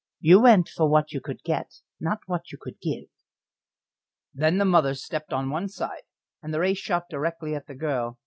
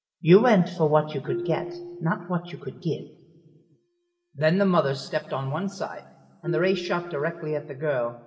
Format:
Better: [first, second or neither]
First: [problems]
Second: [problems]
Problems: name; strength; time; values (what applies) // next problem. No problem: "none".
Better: first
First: none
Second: background sound (Marimba, xylophone); 14 dB below the speech // room echo; dies away in 2.5 s